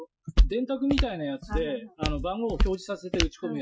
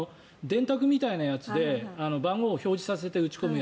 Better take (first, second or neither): second